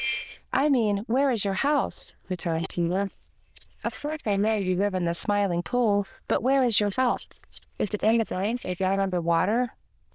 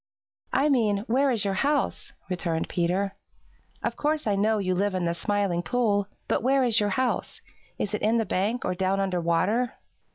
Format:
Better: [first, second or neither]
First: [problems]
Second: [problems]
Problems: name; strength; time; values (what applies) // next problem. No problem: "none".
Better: second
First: noise reduction (neural diffusion model UNIVERSE++)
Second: none